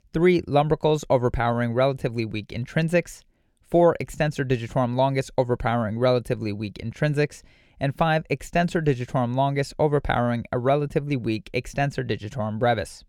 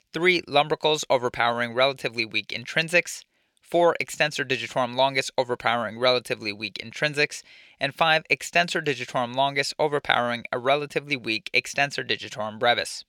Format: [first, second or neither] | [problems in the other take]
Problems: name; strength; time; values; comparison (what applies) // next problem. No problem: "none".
first | thin; somewhat; fading below 850 Hz